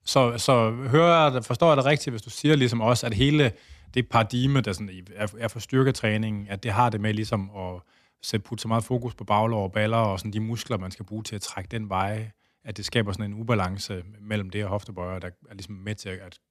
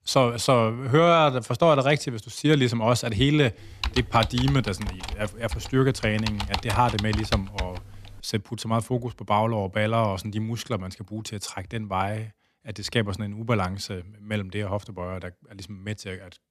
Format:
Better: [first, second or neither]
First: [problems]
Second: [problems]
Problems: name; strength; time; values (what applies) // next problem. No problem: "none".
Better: first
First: none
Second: keyboard typing; noticeable; from 3.5 to 8 s; peak 4 dB below the speech